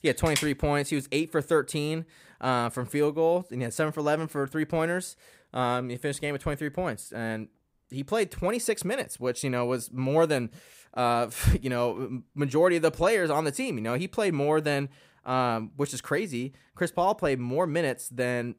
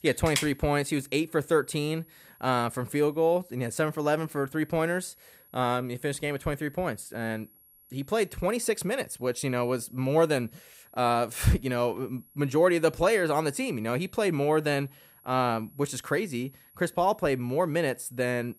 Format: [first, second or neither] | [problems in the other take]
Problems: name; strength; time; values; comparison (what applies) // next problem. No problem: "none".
first | high-pitched whine; faint; throughout; 11.5 kHz, 30 dB below the speech